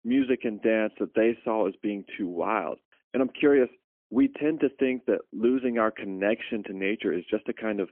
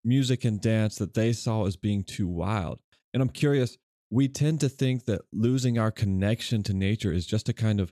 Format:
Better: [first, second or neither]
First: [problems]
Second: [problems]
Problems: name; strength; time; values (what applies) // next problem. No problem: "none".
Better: second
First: phone-call audio; poor line; nothing above 3 kHz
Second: none